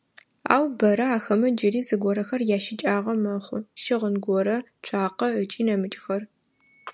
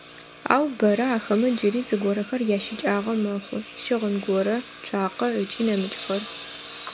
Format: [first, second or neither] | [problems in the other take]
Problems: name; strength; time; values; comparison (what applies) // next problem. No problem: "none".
first | background sound (Engine); 16 dB below the speech